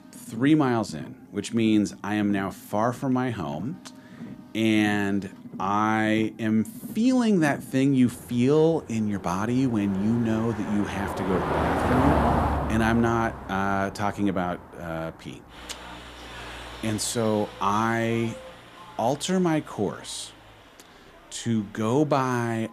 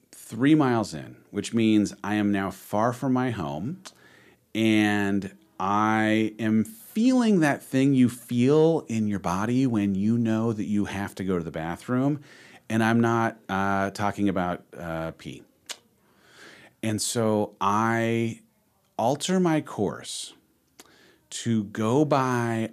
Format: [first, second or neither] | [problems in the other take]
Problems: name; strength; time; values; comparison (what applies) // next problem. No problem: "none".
second | traffic noise; loud; throughout; 8 dB below the speech